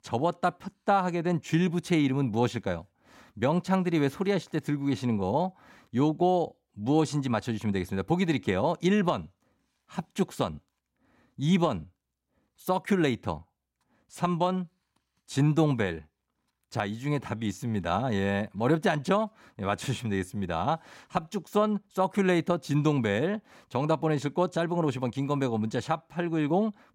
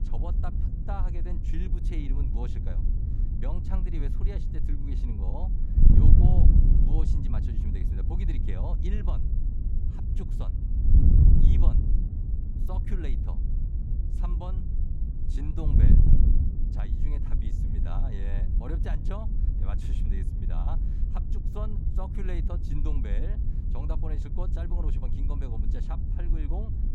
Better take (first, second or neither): first